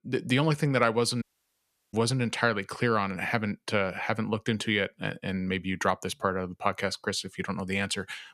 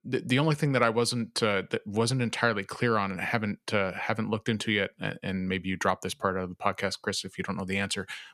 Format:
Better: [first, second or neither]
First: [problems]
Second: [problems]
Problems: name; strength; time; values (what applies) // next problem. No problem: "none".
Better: second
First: audio cutting out; at 1 s for 0.5 s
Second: none